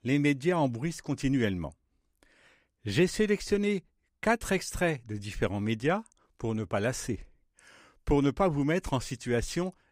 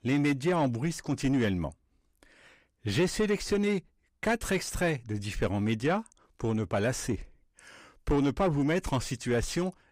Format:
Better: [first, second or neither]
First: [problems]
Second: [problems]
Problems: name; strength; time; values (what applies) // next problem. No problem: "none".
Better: first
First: none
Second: distortion; slight; 10 dB below the speech